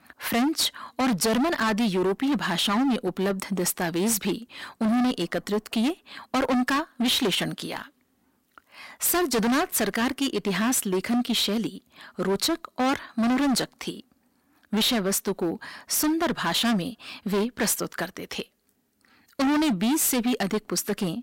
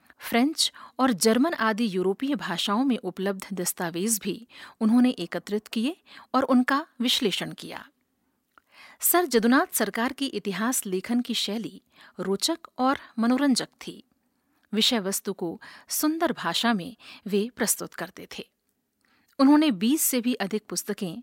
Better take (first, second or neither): second